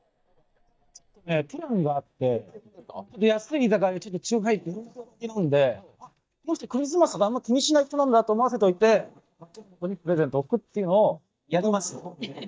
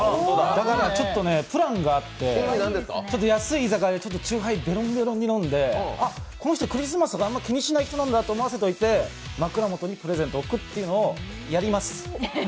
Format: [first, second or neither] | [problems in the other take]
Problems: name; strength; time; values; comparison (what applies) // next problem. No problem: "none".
second | noise reduction (neural mask model DeepFilterNet 3)